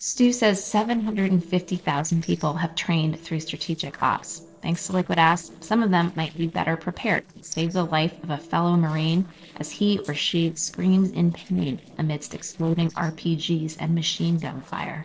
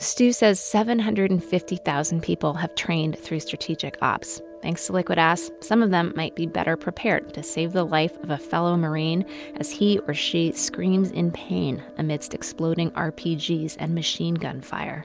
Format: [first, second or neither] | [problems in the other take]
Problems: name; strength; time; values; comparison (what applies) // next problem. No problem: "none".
second | noise reduction (neural separator model SepFormer DNS4)